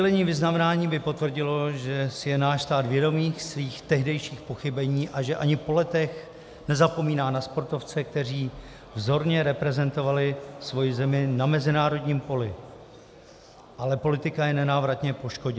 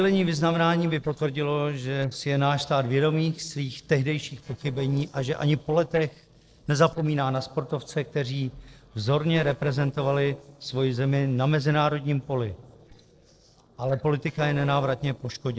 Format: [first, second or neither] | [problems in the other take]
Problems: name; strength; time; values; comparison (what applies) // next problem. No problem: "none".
first | noise reduction (neural separator model SepFormer DNS4)